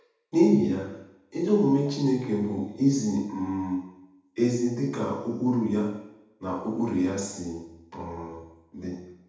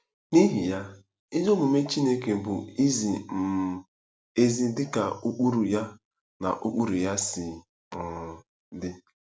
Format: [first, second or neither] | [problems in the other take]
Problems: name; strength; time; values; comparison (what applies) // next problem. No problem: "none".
second | room echo; dies away in 0.8 s